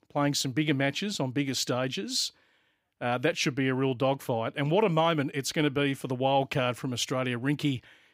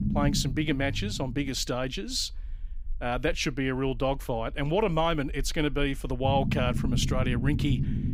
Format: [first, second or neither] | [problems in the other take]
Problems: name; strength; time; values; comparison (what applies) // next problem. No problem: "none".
first | low rumble; noticeable; throughout; 10 dB below the speech